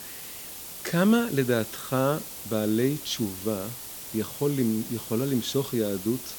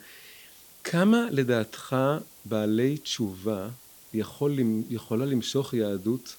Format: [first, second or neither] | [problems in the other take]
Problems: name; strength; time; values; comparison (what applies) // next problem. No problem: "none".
second | hiss; loud; throughout; 9 dB below the speech; faint in the second